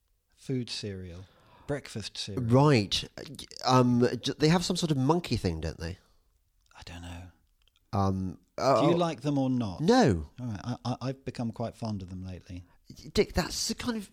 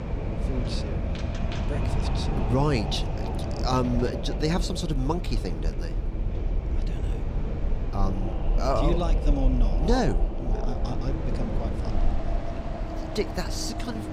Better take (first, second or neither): first